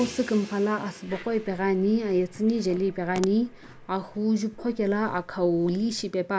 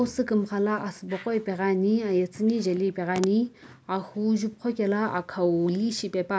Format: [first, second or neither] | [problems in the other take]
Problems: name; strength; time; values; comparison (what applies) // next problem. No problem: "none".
second | background sound (Gong + Crash cymbal); 20 dB below the speech